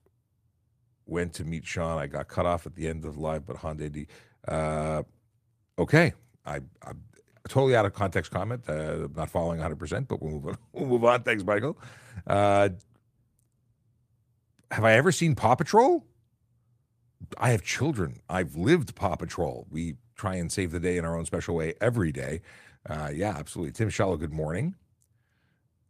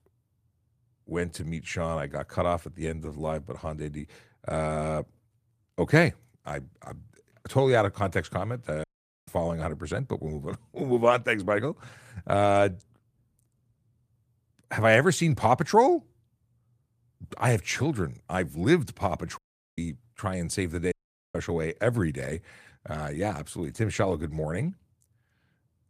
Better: first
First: none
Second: audio cutting out; at 9 s, at 19 s and at 21 s

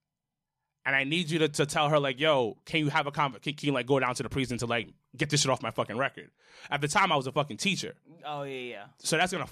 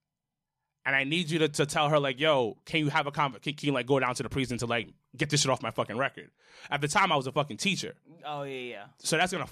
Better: neither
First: none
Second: none

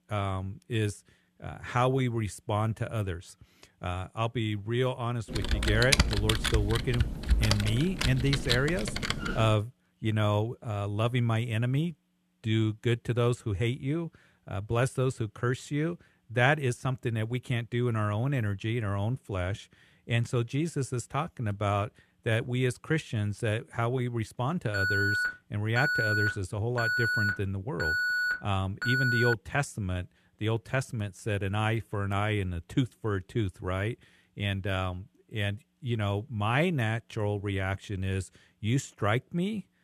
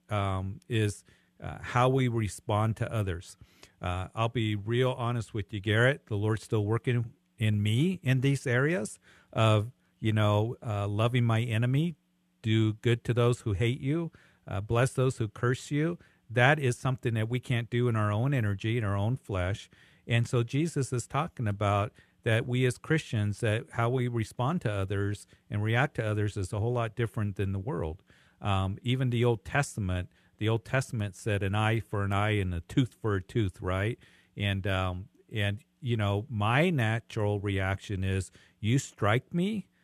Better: second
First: keyboard typing; loud; from 5.5 to 9.5 s; peak 6 dB above the speech // alarm; loud; from 25 to 29 s; peak 4 dB above the speech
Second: none

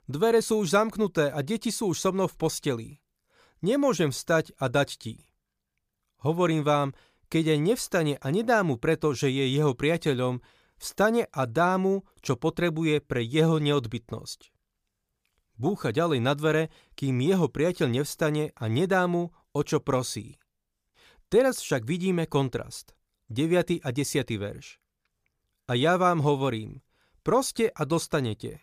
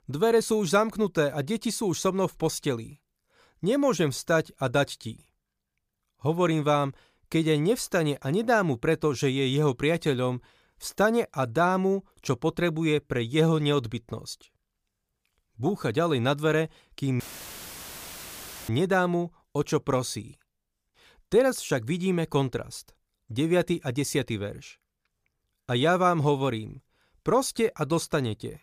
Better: first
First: none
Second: audio cutting out; filled with static; at 17 s for 1.5 s

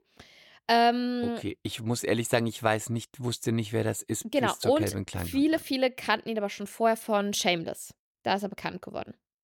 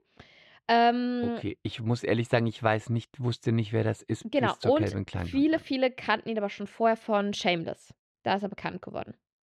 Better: first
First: none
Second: muffled; very slightly; fading above 3.5 kHz

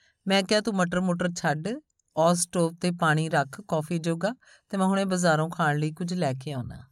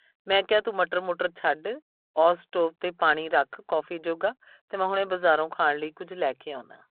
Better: first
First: none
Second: phone-call audio

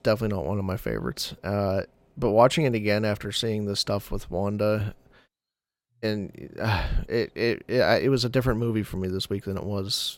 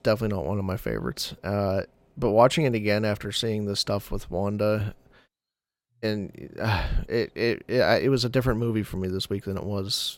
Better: neither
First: none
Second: none

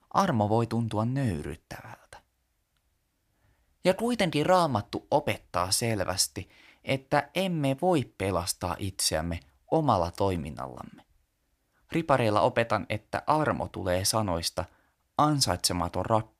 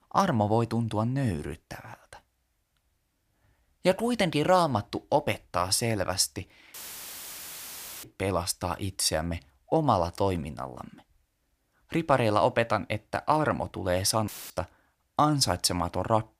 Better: first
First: none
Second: audio cutting out; filled with static; at 6.5 s for 1.5 s and at 14 s

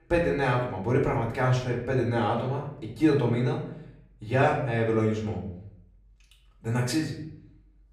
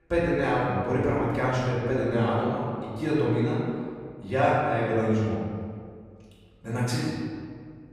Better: first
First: room echo; slight; dies away in 0.6 s // off-mic speech; far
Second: room echo; strong; dies away in 1.8 s // off-mic speech; far

